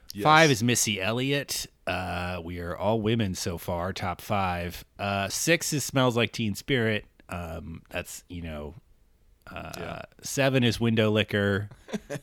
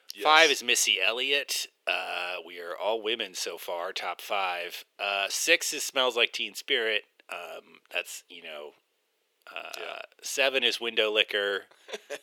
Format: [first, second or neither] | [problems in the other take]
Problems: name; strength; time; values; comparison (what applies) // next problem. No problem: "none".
first | thin; very; fading below 400 Hz